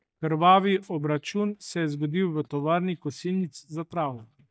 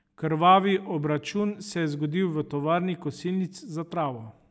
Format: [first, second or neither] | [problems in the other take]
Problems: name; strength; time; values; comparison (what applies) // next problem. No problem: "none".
second | noise reduction (neural mask model DeepFilterNet 3)